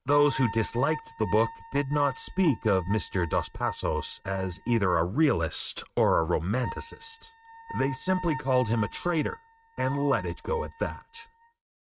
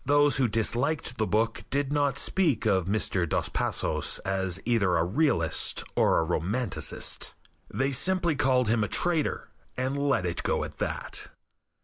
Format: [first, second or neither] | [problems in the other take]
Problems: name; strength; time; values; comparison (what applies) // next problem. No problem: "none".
second | noise reduction (neural mask model RNNoise)